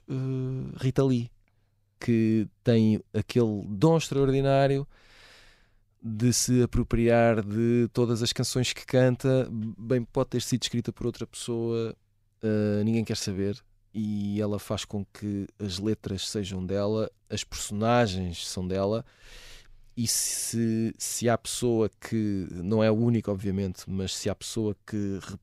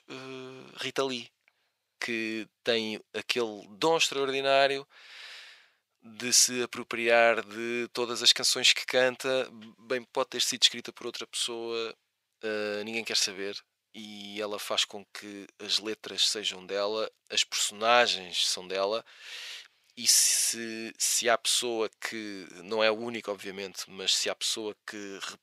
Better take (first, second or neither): first